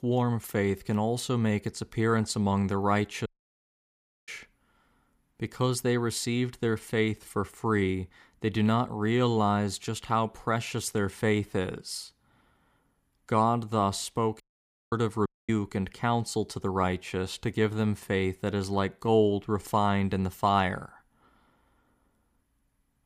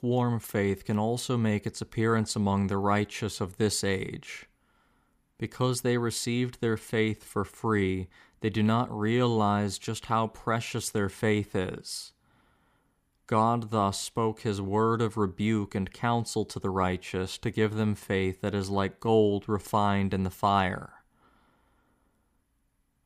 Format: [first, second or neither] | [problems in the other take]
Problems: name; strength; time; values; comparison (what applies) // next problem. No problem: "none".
second | audio cutting out; at 3.5 s for 1 s, at 14 s for 0.5 s and at 15 s